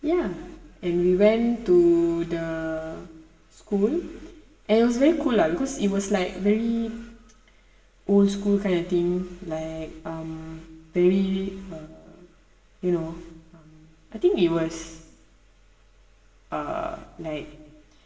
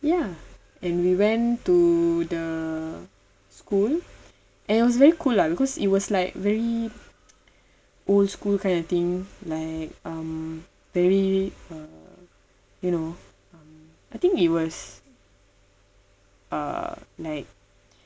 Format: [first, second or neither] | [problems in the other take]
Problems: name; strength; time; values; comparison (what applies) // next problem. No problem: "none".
second | room echo; dies away in 1 s